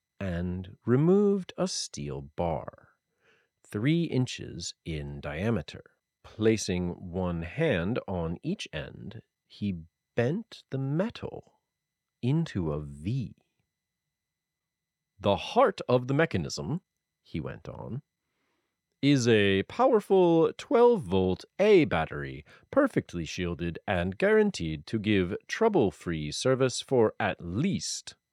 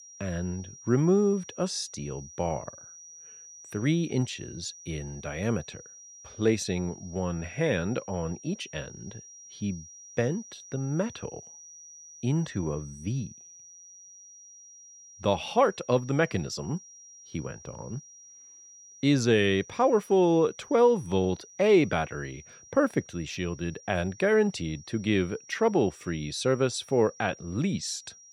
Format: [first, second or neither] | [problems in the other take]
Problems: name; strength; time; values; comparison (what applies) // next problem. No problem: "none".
first | high-pitched whine; noticeable; throughout; 6 kHz, 20 dB below the speech